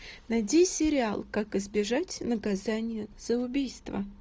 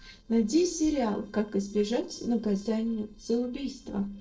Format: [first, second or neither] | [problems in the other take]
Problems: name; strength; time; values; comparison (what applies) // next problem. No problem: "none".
first | noise reduction (neural separator model SepFormer DNS4)